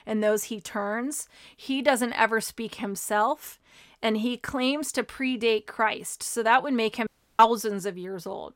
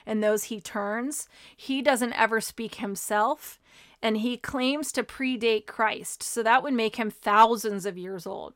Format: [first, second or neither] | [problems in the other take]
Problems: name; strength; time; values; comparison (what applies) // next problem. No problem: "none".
second | audio cutting out; at 7 s